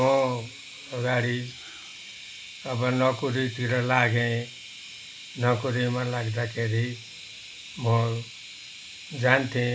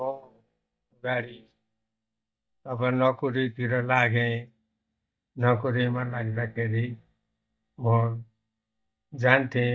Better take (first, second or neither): first